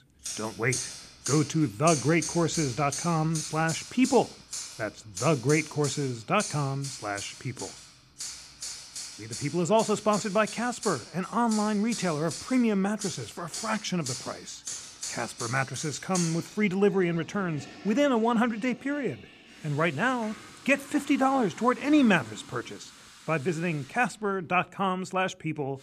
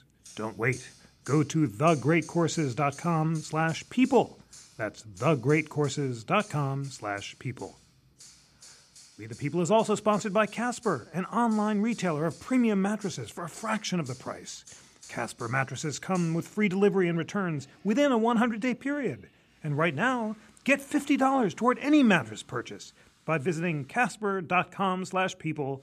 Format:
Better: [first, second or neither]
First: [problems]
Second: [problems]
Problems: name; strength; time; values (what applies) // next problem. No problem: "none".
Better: second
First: household noises; loud; throughout; 9 dB below the speech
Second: household noises; faint; throughout; 25 dB below the speech